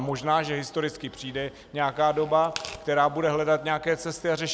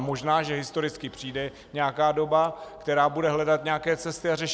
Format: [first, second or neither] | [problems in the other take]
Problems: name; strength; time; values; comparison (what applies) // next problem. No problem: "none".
second | background sound (Tearing); 17 dB below the speech